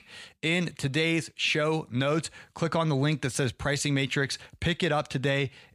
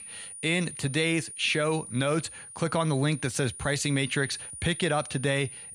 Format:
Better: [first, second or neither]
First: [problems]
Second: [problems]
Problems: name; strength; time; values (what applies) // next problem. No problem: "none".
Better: first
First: none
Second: high-pitched whine; noticeable; throughout; 9.5 kHz, 10 dB below the speech